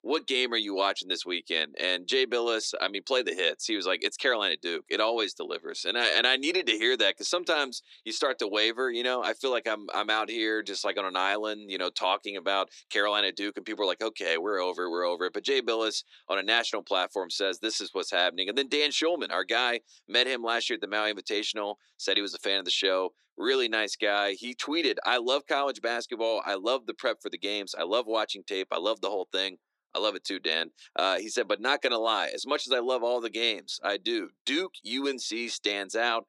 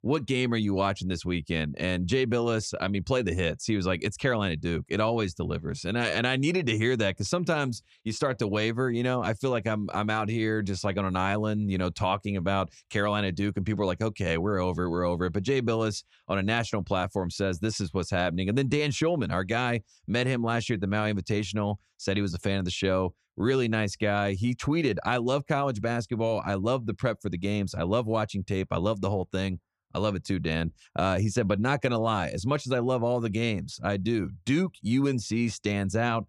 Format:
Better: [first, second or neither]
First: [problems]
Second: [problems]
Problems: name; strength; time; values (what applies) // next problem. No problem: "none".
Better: second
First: thin; very; fading below 300 Hz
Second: none